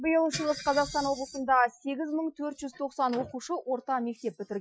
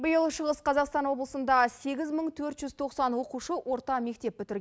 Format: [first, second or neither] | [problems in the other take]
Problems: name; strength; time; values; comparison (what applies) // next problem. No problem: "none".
second | noise reduction (classical method Wiener filter)